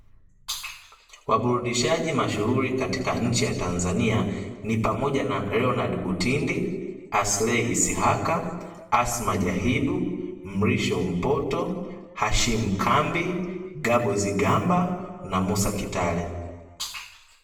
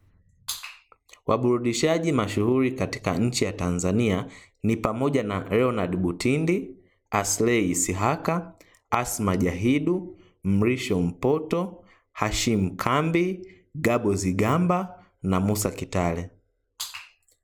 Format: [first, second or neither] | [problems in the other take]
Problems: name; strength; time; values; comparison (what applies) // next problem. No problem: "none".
second | room echo; dies away in 1.1 s